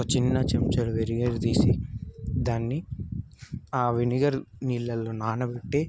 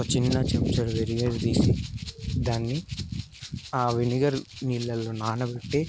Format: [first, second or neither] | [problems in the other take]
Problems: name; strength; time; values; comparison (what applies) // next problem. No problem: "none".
first | background sound (Rattle (instrument)); 17 dB below the speech